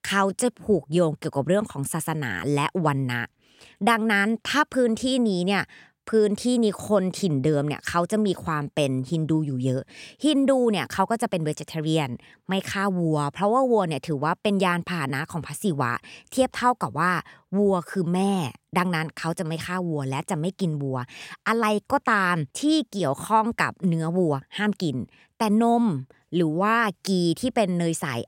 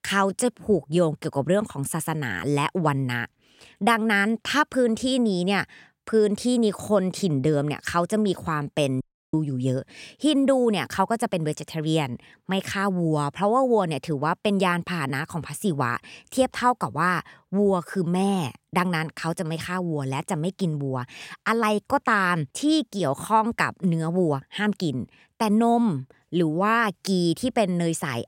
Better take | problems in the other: first | audio cutting out; at 9 s

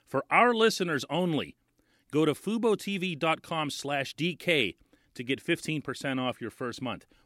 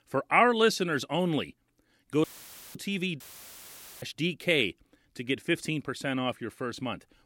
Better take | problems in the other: first | audio cutting out; filled with static; at 2 s for 0.5 s and at 3 s for 1 s

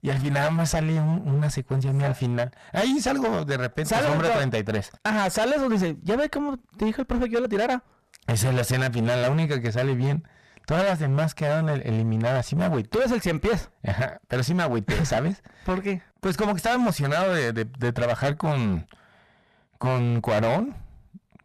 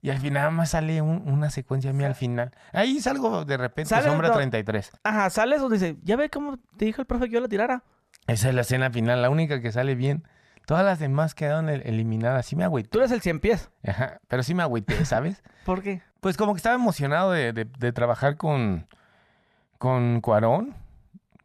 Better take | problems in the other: second | distortion; heavy; 17% of the sound clipped

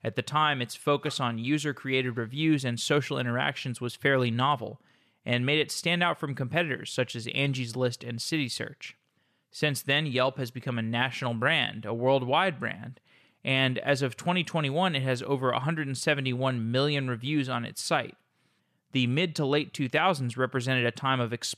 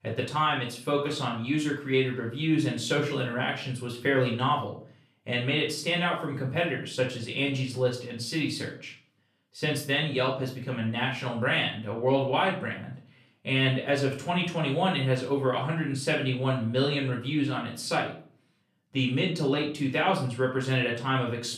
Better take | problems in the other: first | off-mic speech; far // room echo; slight; dies away in 0.4 s

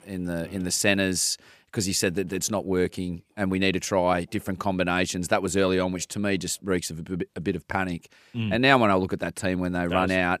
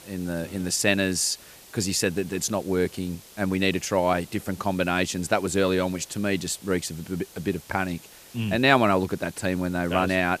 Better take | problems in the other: first | hiss; faint; throughout; 20 dB below the speech

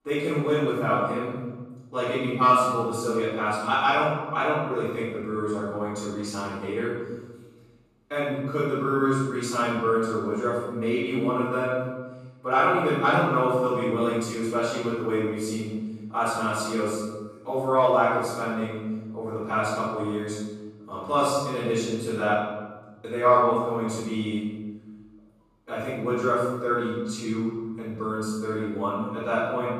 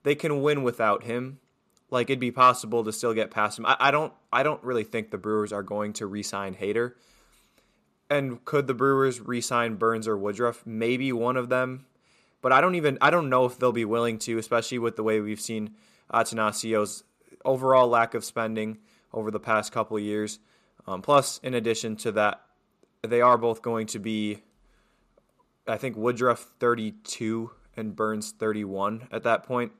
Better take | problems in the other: second | off-mic speech; far // room echo; strong; dies away in 1.3 s

